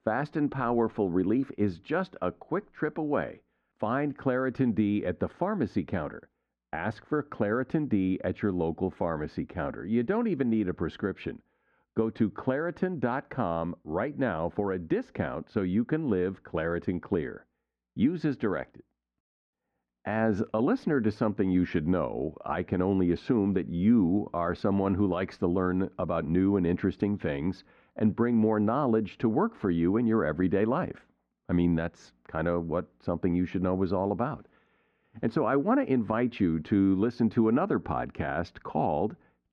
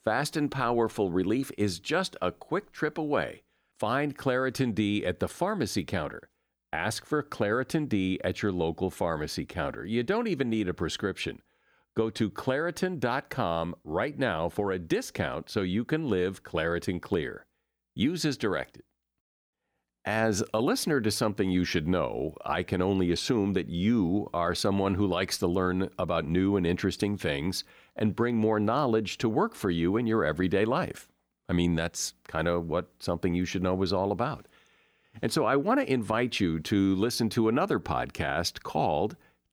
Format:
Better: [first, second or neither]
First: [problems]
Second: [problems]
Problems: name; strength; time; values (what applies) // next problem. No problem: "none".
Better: second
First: muffled; very; fading above 1.5 kHz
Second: none